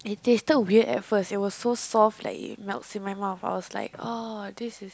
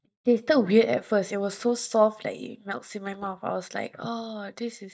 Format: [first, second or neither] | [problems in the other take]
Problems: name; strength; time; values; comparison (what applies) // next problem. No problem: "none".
first | noise reduction (neural mask model DeepFilterNet 3)